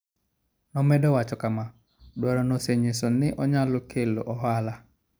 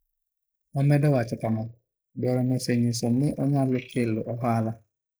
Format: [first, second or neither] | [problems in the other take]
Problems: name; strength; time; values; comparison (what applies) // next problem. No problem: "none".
first | noise reduction (neural mask model Resemble Enhance denoiser)